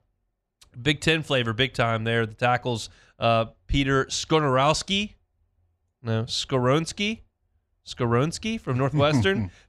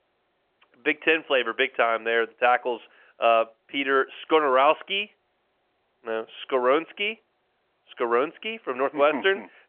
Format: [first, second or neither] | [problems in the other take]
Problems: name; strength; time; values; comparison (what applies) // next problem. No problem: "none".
first | phone-call audio; nothing above 3 kHz